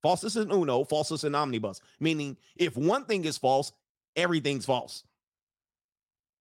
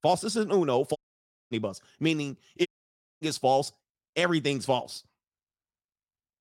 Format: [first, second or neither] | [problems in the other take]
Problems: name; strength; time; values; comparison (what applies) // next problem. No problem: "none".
first | audio cutting out; at 1 s for 0.5 s and at 2.5 s for 0.5 s